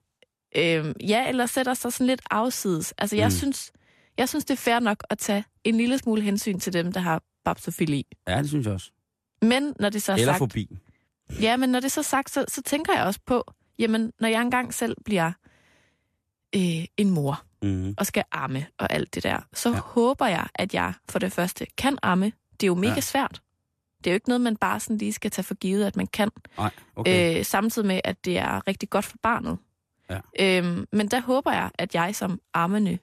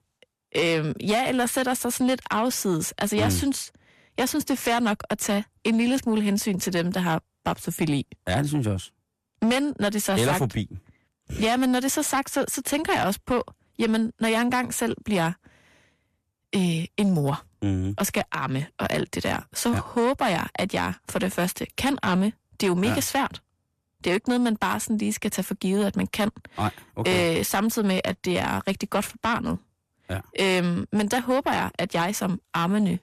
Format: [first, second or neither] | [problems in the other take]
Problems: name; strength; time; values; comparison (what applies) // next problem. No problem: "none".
first | distortion; slight; 10 dB below the speech